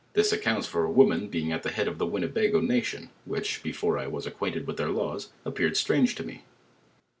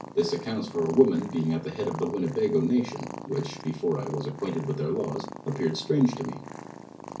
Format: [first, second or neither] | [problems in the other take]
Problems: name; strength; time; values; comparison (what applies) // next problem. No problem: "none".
first | background sound (Purr); 13 dB below the speech // room echo; dies away in 0.5 s